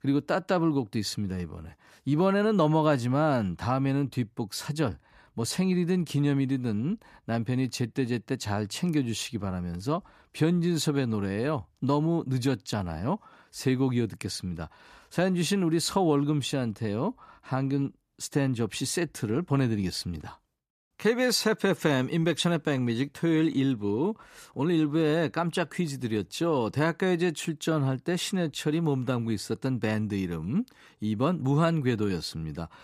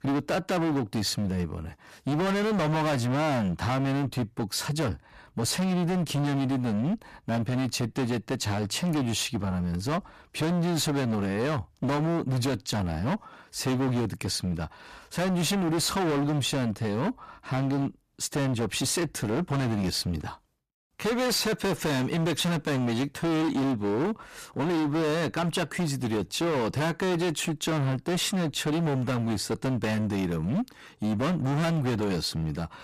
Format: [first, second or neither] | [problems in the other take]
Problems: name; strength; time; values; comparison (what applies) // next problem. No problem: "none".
first | distortion; heavy; 29% of the sound clipped